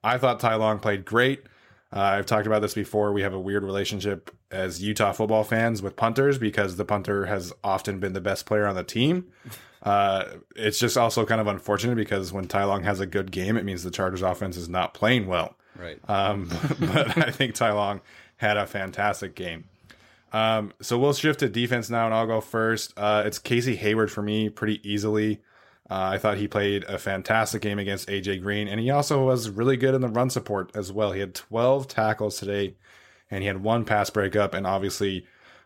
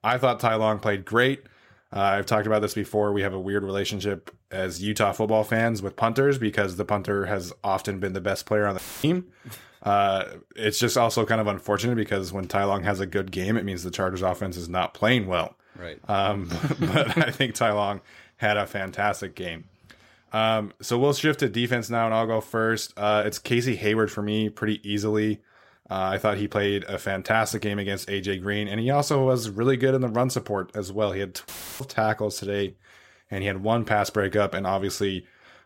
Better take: first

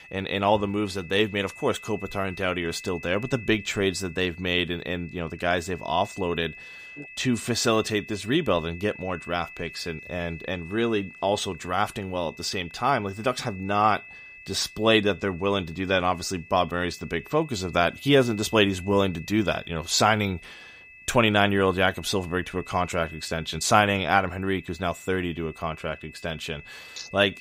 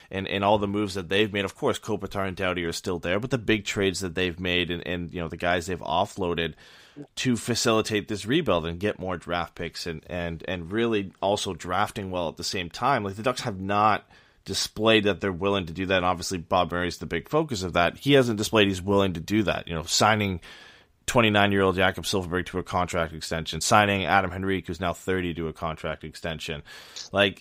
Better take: second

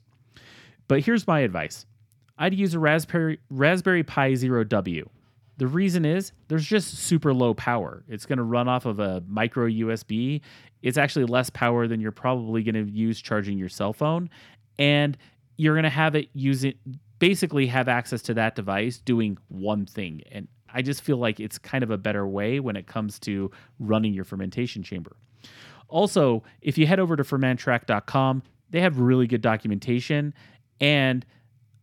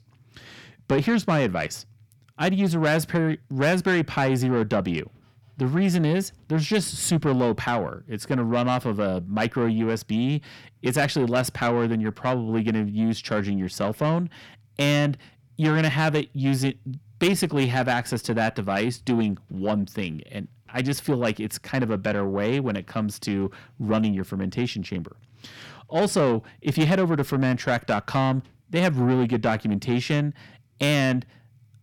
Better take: first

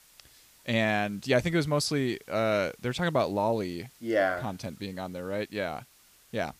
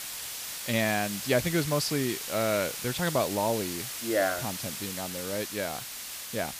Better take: first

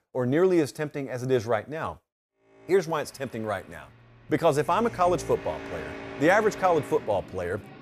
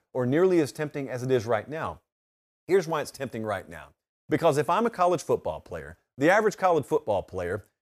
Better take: second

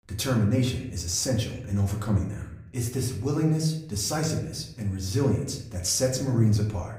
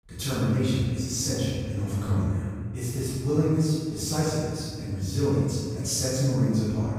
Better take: first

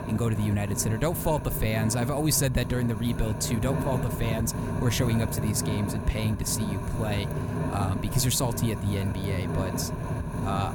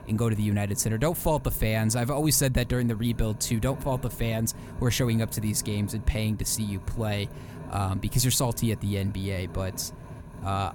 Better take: second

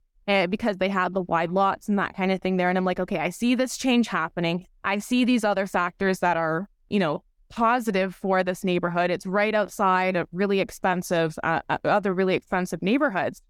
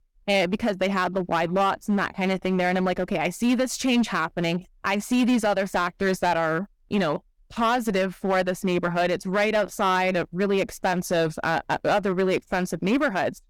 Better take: first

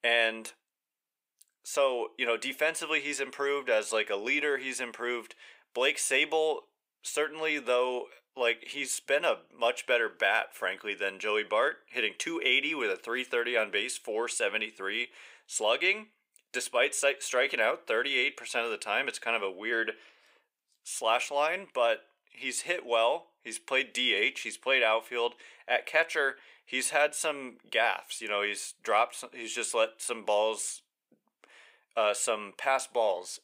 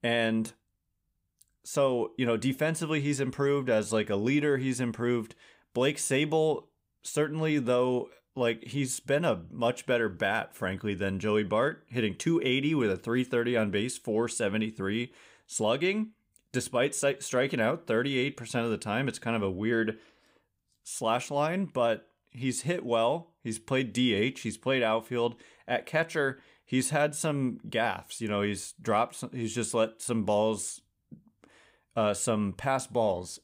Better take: second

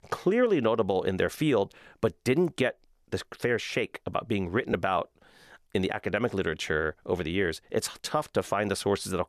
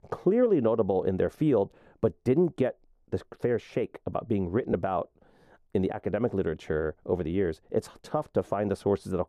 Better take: first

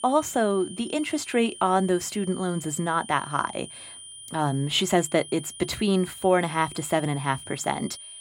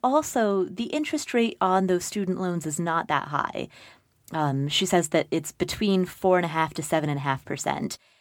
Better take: second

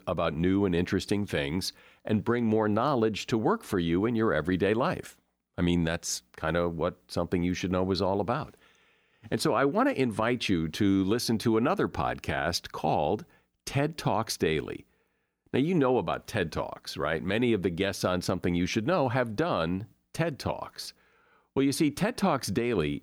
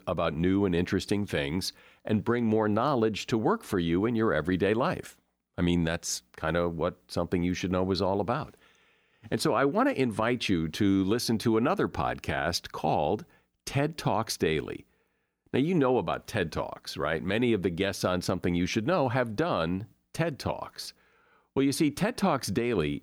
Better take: neither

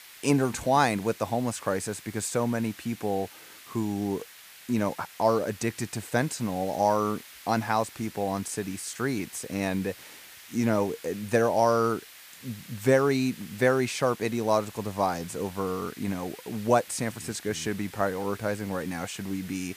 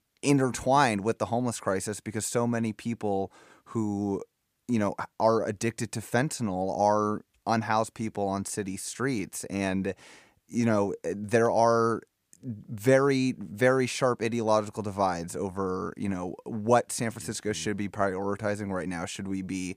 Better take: second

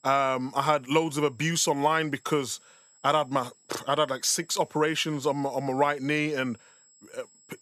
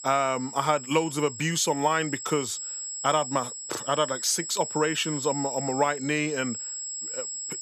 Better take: first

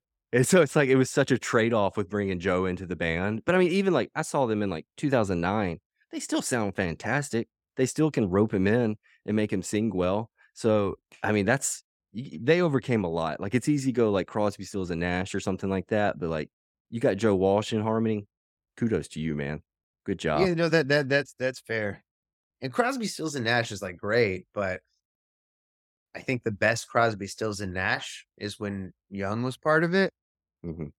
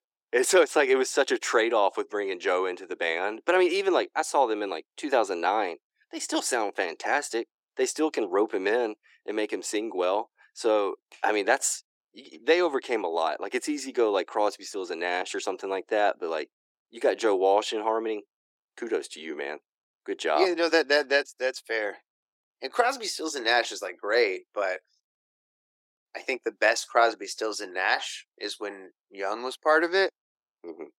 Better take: first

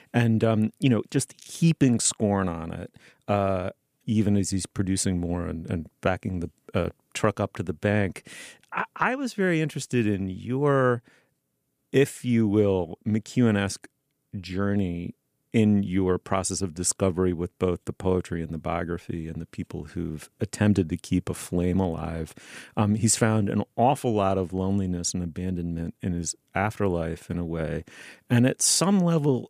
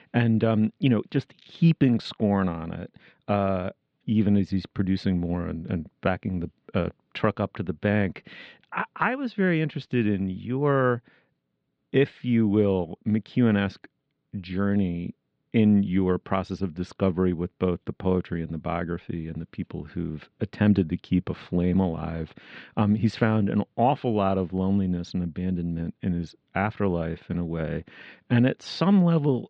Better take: first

